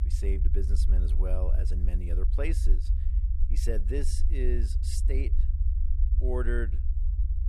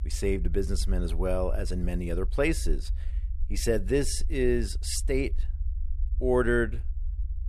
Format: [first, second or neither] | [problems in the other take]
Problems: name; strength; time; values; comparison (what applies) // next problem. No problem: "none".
second | low rumble; loud; throughout; 10 dB below the speech; faint in the second